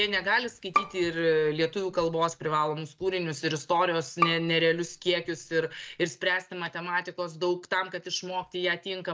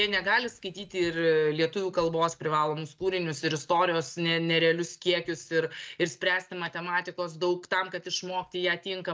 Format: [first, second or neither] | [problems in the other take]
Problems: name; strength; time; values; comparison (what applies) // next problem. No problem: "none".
second | background sound (Bowed string instrument); 7 dB below the speech